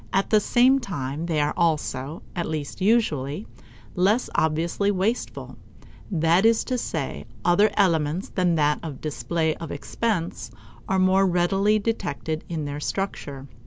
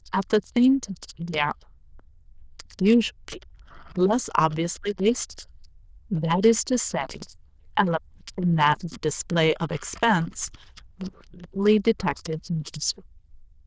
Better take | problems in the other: first | noise reduction (neural diffusion model UNIVERSE++)

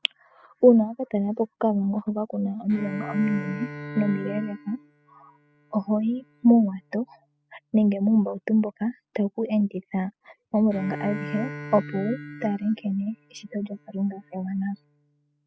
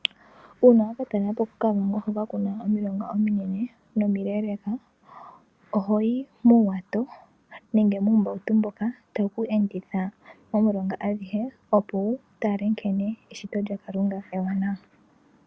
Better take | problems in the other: second | noise reduction (classical method spectral subtraction)

